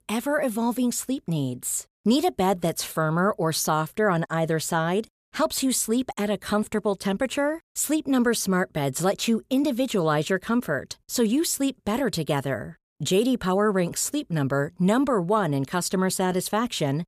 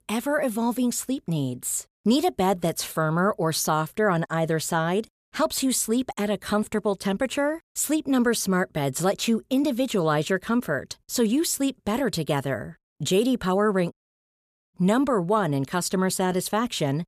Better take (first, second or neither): first